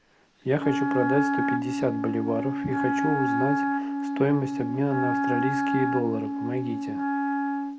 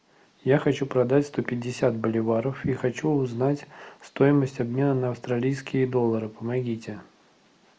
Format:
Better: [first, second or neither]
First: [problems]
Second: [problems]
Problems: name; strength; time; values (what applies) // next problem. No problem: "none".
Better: second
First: background sound (Wind instrument, woodwind instrument); 2 dB above the speech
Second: none